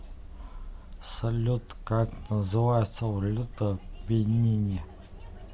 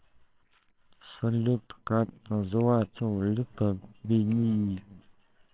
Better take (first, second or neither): first